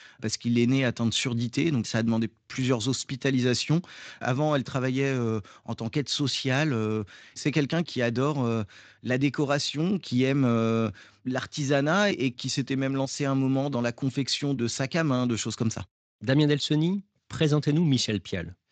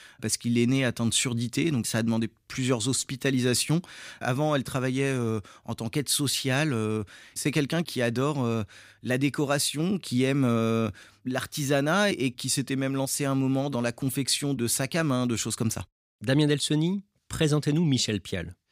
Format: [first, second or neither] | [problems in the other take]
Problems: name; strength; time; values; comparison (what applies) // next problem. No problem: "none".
second | garbled, watery; slightly; nothing above 7.5 kHz